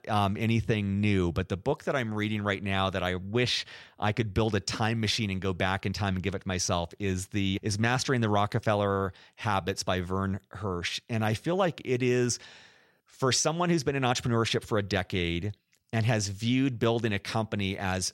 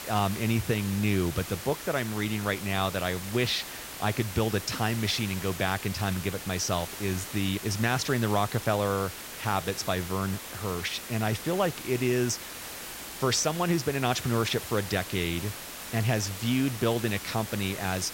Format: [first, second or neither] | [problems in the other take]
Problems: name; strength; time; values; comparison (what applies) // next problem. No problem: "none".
first | hiss; loud; throughout; 9 dB below the speech